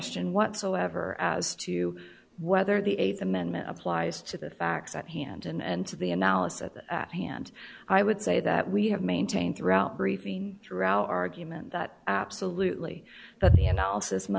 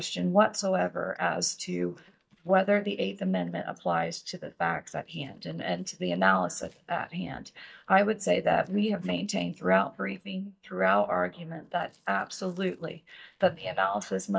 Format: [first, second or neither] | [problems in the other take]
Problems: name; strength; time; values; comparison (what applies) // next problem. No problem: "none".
first | noise reduction (neural mask model DeepFilterNet 3)